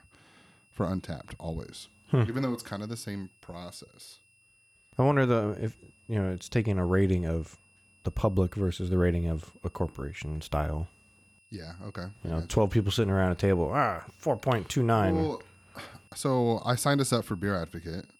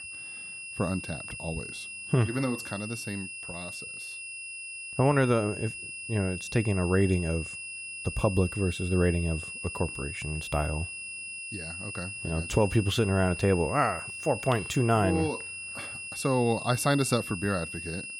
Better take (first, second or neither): first